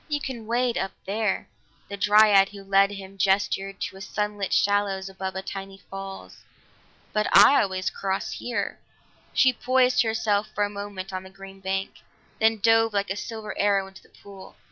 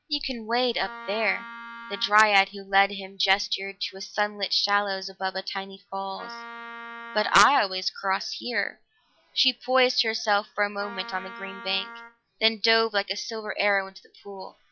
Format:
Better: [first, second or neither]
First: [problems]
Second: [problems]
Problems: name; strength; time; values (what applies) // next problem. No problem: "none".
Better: first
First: none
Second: noise reduction (classical method log-MMSE)